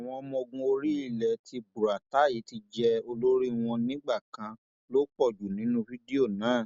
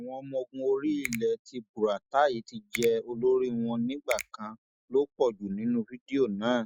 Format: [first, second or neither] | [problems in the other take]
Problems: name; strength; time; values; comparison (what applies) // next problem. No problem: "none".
first | noise reduction (classical method Wiener filter)